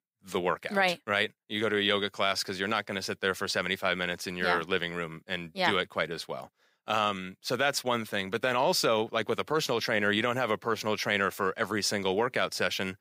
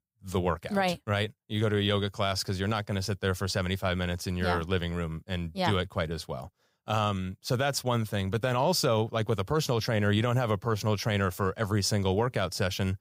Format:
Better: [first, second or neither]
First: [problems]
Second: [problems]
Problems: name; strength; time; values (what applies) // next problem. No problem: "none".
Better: second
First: thin; somewhat; fading below 250 Hz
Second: none